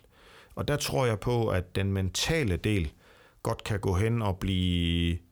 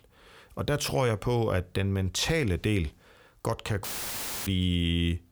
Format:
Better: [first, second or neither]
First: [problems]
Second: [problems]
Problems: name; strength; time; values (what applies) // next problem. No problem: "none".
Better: first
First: none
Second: audio cutting out; filled with static; at 4 s for 0.5 s